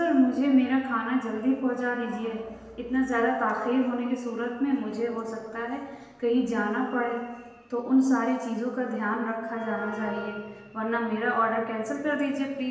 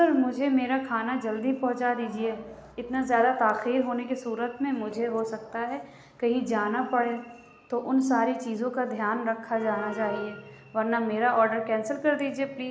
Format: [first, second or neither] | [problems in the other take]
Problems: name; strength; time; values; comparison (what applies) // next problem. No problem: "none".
second | room echo; dies away in 1 s